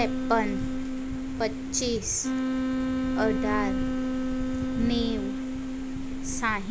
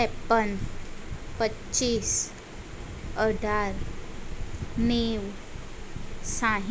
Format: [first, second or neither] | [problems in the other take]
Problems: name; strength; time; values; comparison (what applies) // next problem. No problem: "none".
second | background sound (Wind instrument, woodwind instrument); as loud as the speech